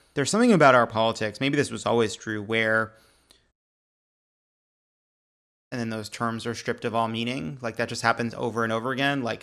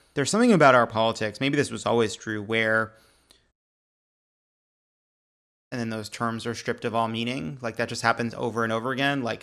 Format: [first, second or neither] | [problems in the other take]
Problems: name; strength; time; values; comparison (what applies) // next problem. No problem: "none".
neither | audio cutting out; at 3.5 s for 2 s; the same in both